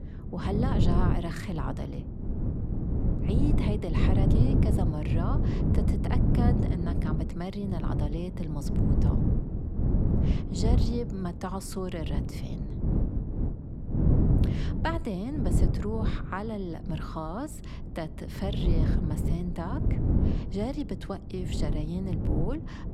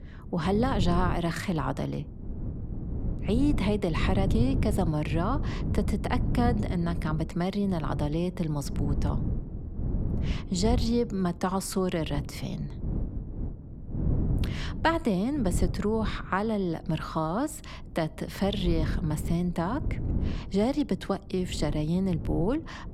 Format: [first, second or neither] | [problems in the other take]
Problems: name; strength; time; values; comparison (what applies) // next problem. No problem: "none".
second | wind noise on the microphone; heavy; 1 dB below the speech; occasional gusts in the second